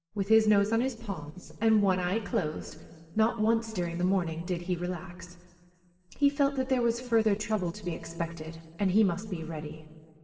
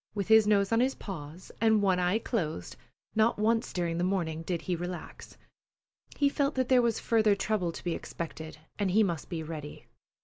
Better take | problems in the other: second | noise reduction (neural separator model SepFormer DNS4)

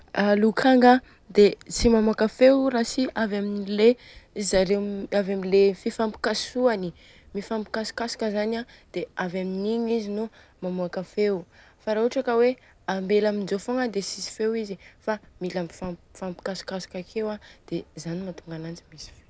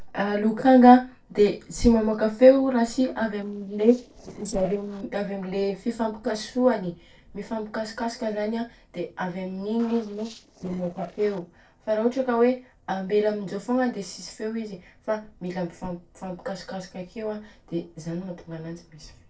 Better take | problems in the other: first | noise reduction (neural separator model SepFormer DNS4)

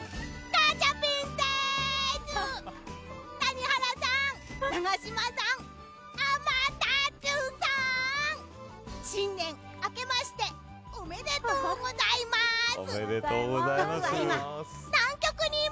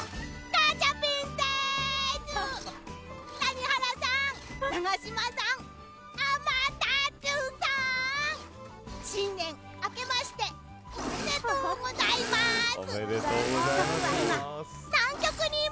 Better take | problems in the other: first | background sound (Engine / Mechanisms); 11 dB below the speech

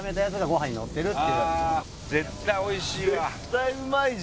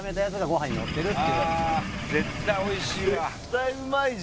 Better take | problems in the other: first | background sound (Engine / Boat, Water vehicle); 5 dB below the speech

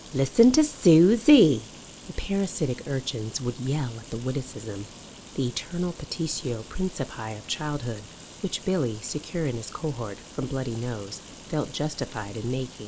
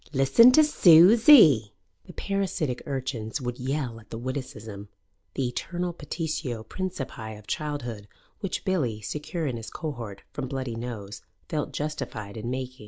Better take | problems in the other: second | background sound (Ocean + Bathtub (filling or washing)); 18 dB below the speech

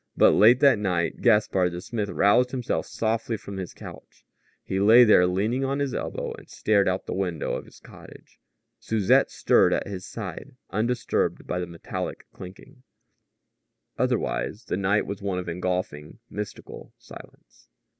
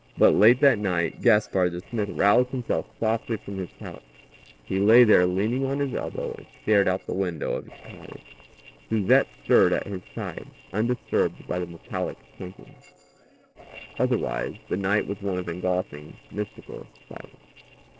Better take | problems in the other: first | noise reduction (neural separator model SepFormer DNS4)

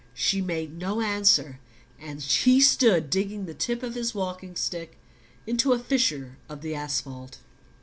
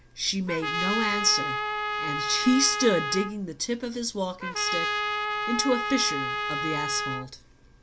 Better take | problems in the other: first | background sound (Trumpet); 1 dB below the speech

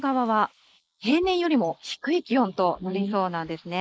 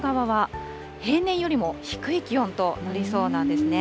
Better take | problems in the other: second | noise reduction (neural mask model Resemble Enhance denoiser)

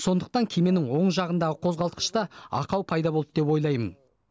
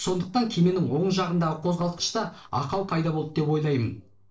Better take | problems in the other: first | noise reduction (neural separator model SepFormer DNS4)

